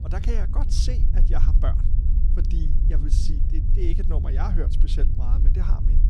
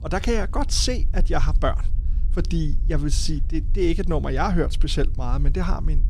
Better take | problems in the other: second | low rumble; loud; throughout; 5 dB below the speech; faint in the second

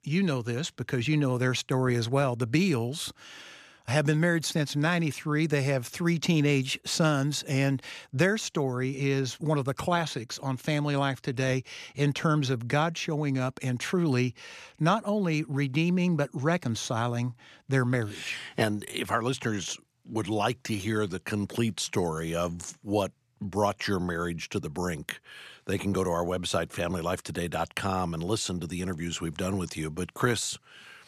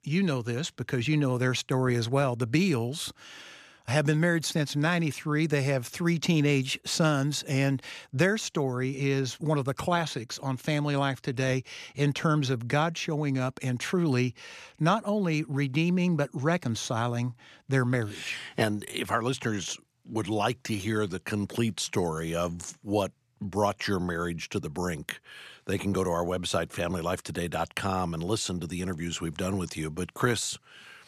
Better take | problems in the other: neither | none

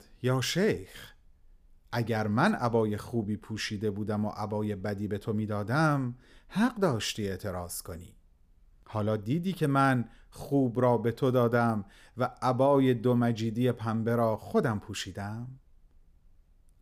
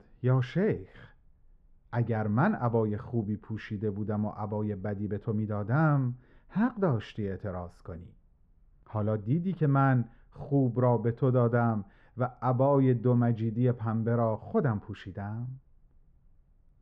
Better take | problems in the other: first | muffled; very; fading above 1.5 kHz

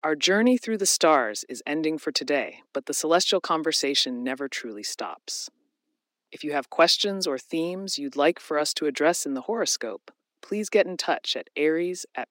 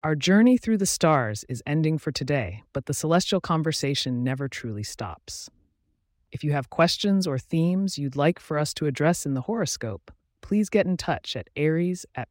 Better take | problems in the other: second | thin; somewhat; fading below 250 Hz

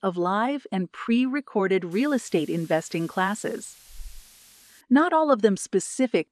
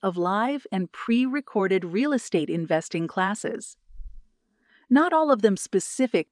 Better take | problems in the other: second | hiss; faint; from 2 to 5 s; 25 dB below the speech

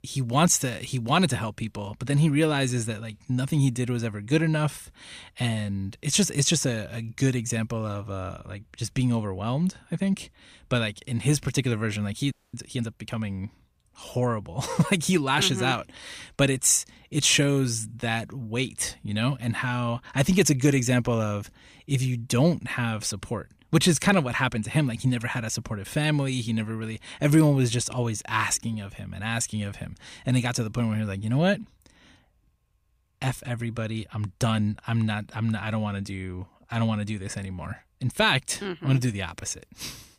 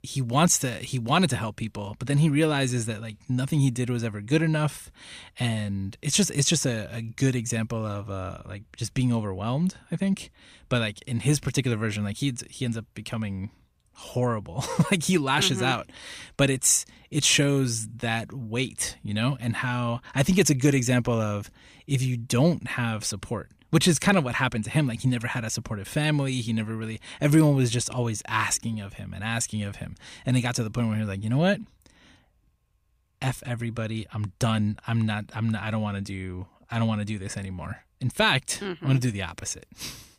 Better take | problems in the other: second | audio freezing; at 12 s

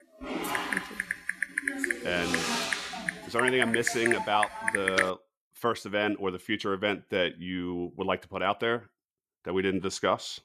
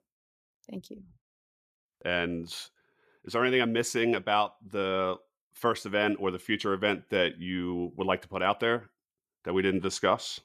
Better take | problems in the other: second | keyboard typing; loud; until 5 s; peak 3 dB above the speech

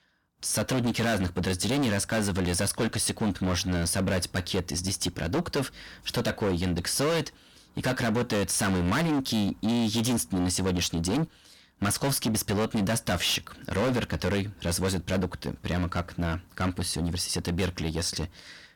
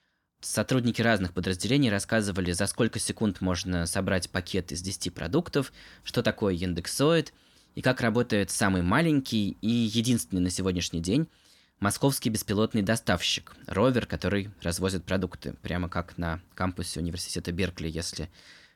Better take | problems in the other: second | distortion; heavy; 21% of the sound clipped

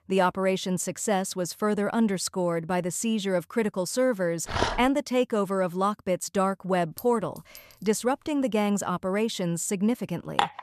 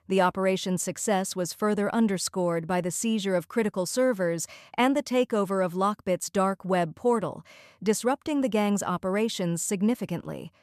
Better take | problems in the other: second | dog barking; noticeable; at 4.5 s; peak 1 dB below the speech // clattering dishes; faint; at 7 s; peak 15 dB below the speech // clattering dishes; very faint; at 10 s; peak 1 dB below the speech

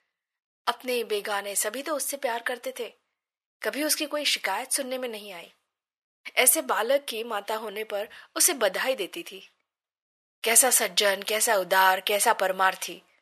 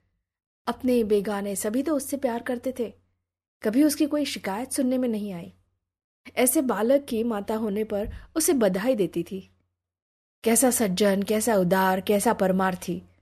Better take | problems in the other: second | thin; very; fading below 800 Hz

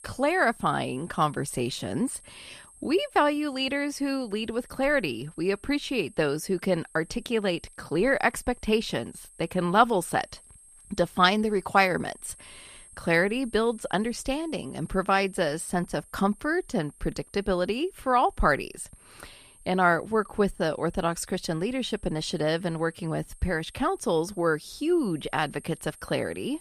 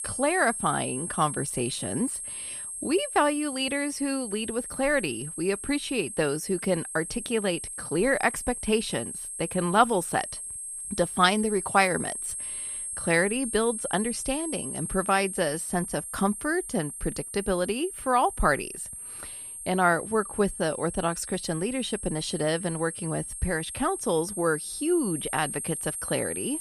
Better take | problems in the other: first | high-pitched whine; loud; throughout; 8.5 kHz, 6 dB below the speech; faint in the first

